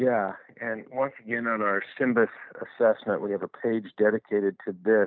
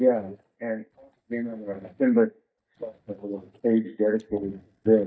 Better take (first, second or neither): first